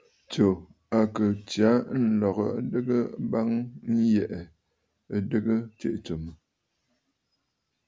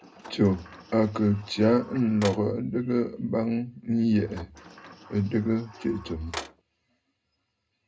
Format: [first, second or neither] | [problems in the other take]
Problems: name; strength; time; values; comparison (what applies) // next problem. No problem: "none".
first | background sound (Sliding door); 17 dB below the speech // room echo; dies away in 0.2 s